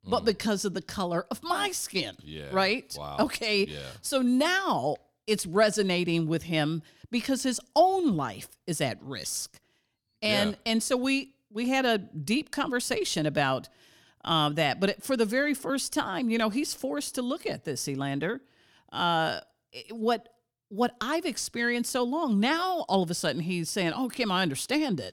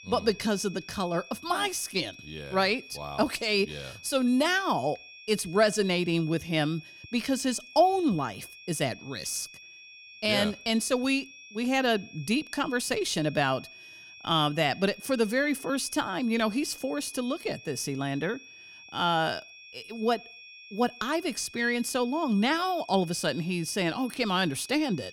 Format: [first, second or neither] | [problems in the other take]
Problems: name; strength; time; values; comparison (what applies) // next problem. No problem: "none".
first | high-pitched whine; noticeable; throughout; 2.5 kHz, 20 dB below the speech